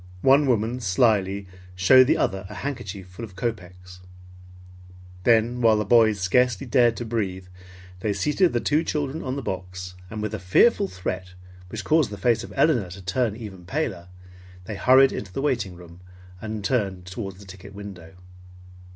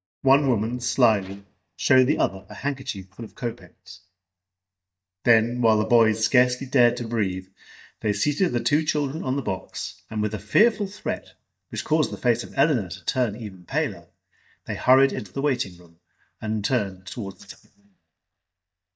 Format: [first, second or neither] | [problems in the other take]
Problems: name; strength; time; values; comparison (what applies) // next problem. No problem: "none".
first | noise reduction (neural mask model DeepFilterNet 3)